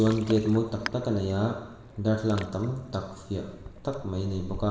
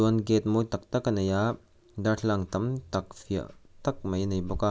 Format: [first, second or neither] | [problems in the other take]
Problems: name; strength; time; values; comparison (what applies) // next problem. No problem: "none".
second | background sound (Ocean); 16 dB below the speech // room echo; dies away in 1.3 s